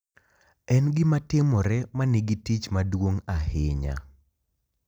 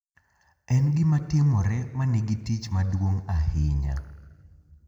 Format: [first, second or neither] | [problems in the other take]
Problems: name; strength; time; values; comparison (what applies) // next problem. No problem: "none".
first | room echo; dies away in 1.4 s